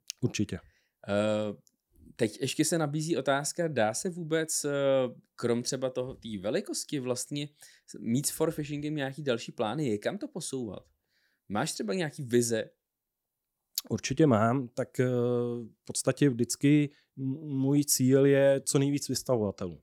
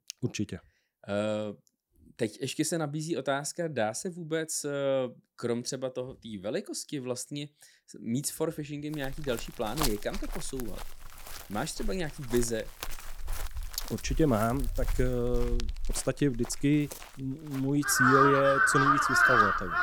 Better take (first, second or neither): first